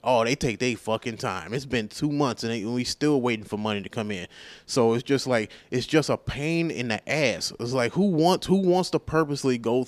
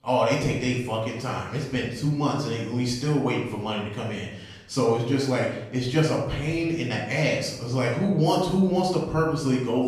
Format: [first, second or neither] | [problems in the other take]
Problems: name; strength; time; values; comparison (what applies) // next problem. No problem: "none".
first | off-mic speech; far // room echo; noticeable; dies away in 0.7 s